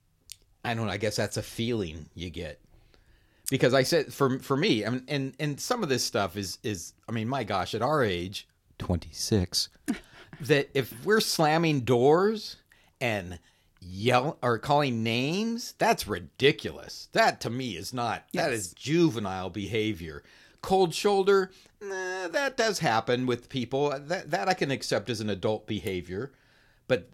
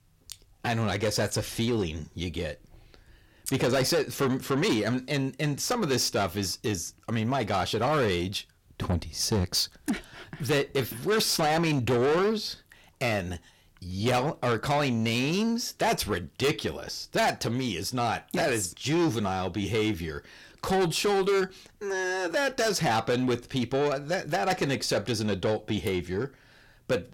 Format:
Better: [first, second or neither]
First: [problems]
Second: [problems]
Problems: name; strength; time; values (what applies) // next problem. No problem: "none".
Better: first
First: none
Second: distortion; heavy; 7 dB below the speech